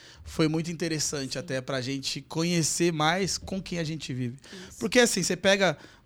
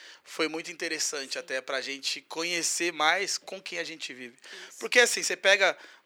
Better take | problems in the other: first | thin; very; fading below 400 Hz

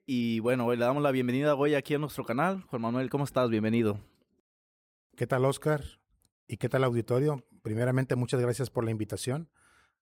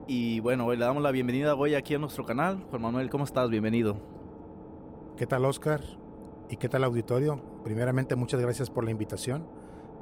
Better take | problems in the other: first | low rumble; noticeable; throughout; 15 dB below the speech

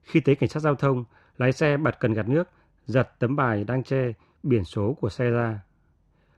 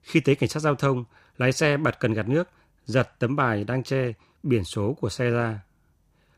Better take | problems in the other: second | muffled; slightly; fading above 2 kHz

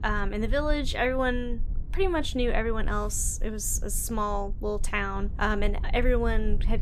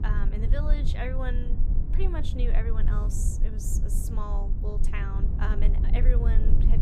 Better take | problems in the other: first | low rumble; loud; throughout; 6 dB below the speech; faint in the first

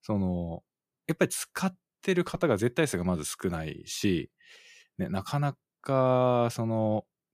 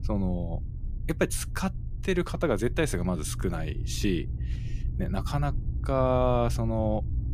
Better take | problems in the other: first | low rumble; noticeable; throughout; 20 dB below the speech

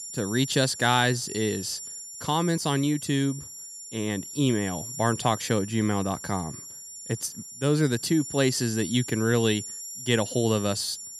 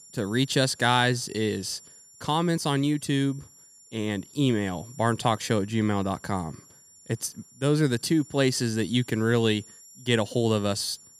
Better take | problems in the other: second | high-pitched whine; loud; throughout; 7 kHz, 10 dB below the speech; faint in the second

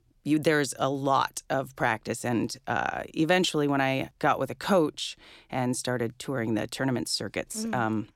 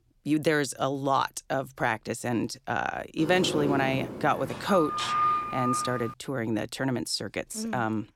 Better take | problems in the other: first | door banging; loud; from 3 to 6 s; peak 4 dB above the speech

